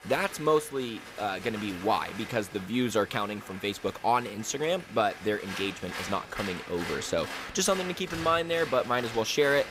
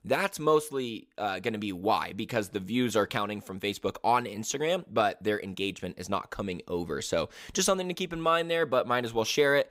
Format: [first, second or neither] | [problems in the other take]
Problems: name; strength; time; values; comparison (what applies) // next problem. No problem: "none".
second | crowd noise; noticeable; throughout; 10 dB below the speech